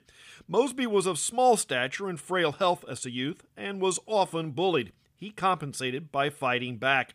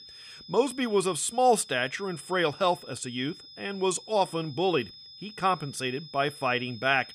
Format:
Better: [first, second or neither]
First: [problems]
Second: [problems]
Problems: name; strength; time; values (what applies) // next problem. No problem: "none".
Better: first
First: none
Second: high-pitched whine; noticeable; throughout; 5 kHz, 15 dB below the speech